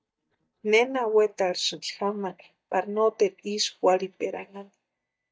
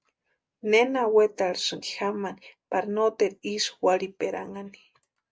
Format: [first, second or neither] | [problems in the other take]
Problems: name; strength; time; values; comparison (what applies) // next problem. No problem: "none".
second | noise reduction (neural mask model DeepFilterNet 3)